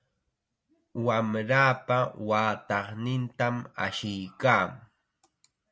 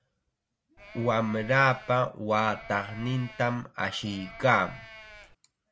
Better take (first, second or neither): first